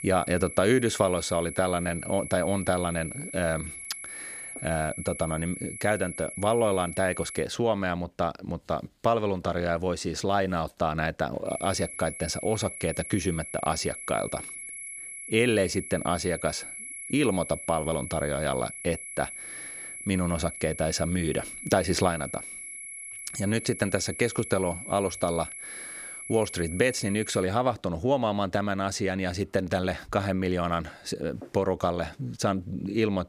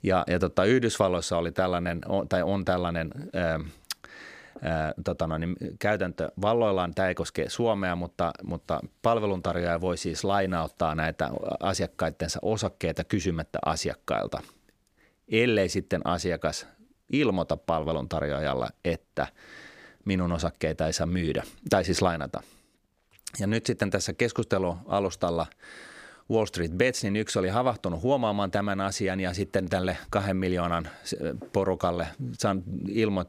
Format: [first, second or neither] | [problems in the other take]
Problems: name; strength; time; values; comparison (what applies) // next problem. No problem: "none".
second | high-pitched whine; loud; until 7.5 s and from 11 to 27 s; 11 kHz, 9 dB below the speech